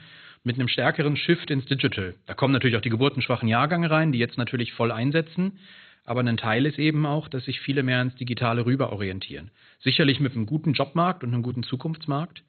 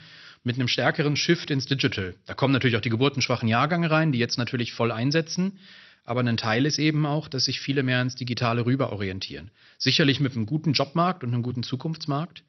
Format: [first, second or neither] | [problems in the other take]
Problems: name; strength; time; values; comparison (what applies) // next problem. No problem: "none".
second | garbled, watery; badly; nothing above 4 kHz; slightly in the second